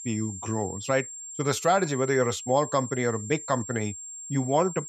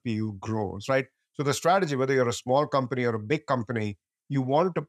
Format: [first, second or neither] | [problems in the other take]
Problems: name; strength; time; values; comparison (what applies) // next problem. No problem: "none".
second | high-pitched whine; loud; throughout; 7.5 kHz, 10 dB below the speech